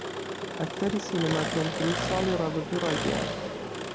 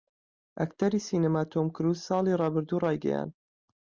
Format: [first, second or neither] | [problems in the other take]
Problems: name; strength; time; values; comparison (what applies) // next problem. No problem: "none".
second | background sound (Engine); 1 dB below the speech